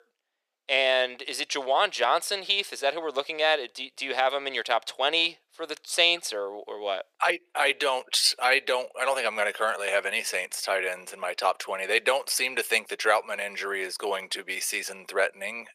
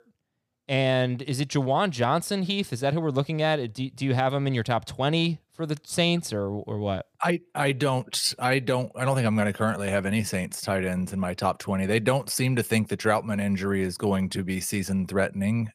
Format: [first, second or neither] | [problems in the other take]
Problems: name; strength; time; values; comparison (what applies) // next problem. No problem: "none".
second | thin; very; fading below 450 Hz